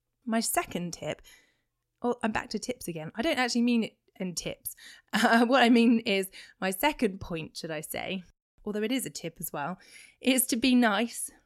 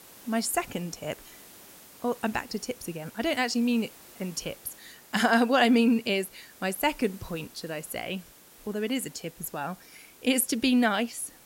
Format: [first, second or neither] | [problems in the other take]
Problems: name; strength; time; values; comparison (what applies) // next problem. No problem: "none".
first | hiss; faint; throughout; 20 dB below the speech